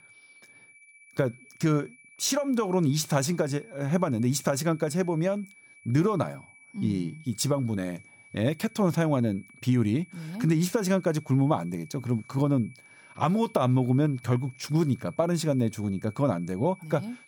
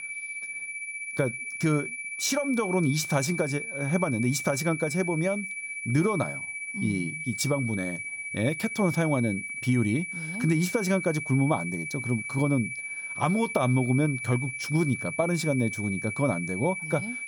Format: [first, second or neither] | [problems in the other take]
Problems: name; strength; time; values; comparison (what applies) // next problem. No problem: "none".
first | high-pitched whine; loud; throughout; 2.5 kHz, 5 dB below the speech; faint in the first